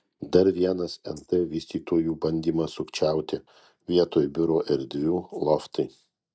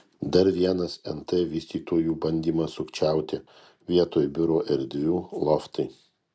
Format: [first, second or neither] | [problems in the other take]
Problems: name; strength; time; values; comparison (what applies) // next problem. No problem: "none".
second | noise reduction (neural mask model DeepFilterNet 3)